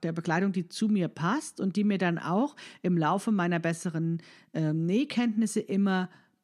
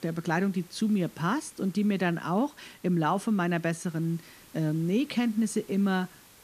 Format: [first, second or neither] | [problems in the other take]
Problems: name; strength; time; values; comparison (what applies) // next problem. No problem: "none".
first | hiss; faint; throughout; 25 dB below the speech